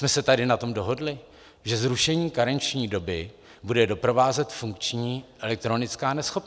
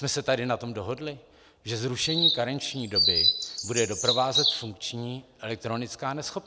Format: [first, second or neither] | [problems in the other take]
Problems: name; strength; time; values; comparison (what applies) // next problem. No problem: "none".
first | background sound (Chirp, tweet); 4 dB above the speech